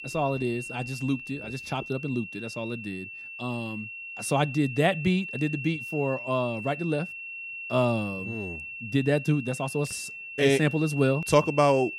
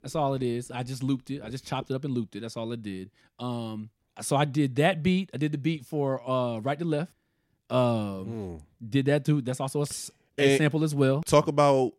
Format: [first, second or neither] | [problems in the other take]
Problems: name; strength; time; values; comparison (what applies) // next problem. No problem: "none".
second | high-pitched whine; loud; throughout; 2.5 kHz, 9 dB below the speech